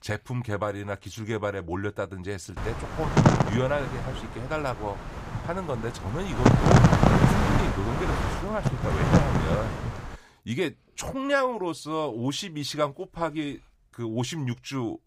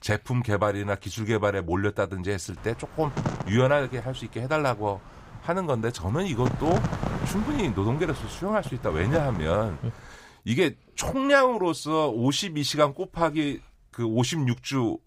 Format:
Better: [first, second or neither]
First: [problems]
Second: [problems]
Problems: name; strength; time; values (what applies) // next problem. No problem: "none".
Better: second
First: wind noise on the microphone; heavy; from 2.5 to 10 s; 5 dB above the speech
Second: wind noise on the microphone; occasional gusts; from 2.5 to 10 s; 10 dB below the speech